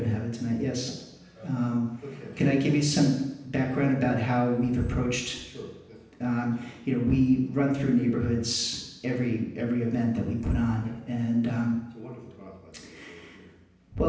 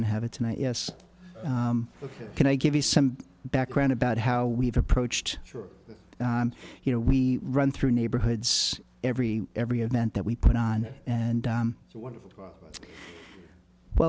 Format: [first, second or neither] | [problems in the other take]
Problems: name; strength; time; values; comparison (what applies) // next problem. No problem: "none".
second | room echo; dies away in 0.9 s